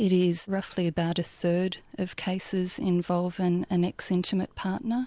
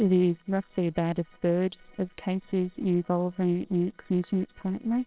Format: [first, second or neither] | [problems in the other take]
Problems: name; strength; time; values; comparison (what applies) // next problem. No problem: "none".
first | noise reduction (neural separator model SepFormer WHAMR!)